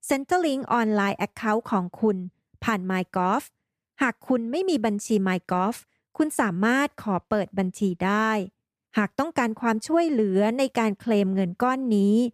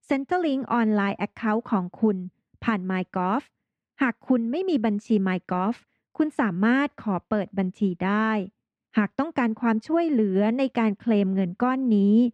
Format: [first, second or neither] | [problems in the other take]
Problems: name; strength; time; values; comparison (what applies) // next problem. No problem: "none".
first | muffled; slightly; fading above 3 kHz